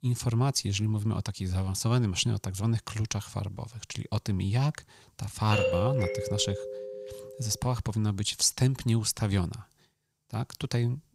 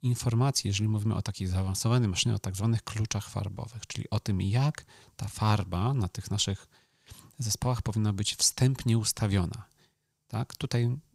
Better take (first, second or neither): second